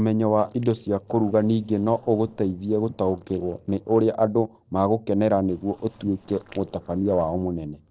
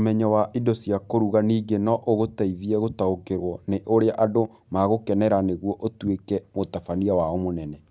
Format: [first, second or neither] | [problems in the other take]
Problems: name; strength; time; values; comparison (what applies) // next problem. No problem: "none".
second | noise reduction (neural separator model SepFormer DNS4)